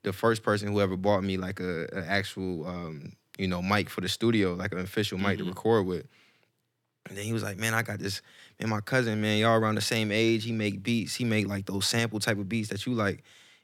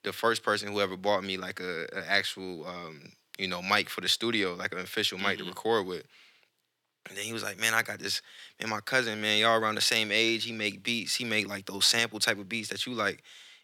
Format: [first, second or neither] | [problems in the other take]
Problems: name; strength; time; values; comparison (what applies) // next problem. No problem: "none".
first | thin; somewhat; fading below 700 Hz